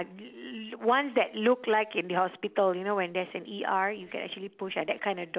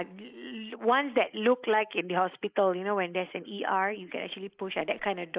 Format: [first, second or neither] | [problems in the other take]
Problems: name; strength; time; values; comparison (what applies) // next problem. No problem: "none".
first | noise reduction (neural mask model Resemble Enhance denoiser)